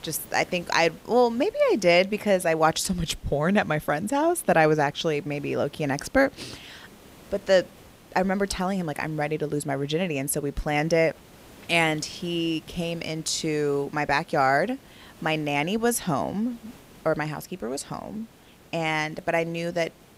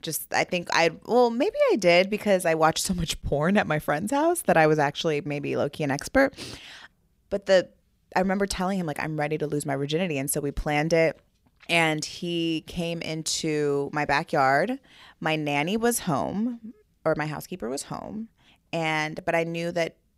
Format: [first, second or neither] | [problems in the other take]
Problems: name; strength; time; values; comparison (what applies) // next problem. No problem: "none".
second | hiss; faint; throughout; 25 dB below the speech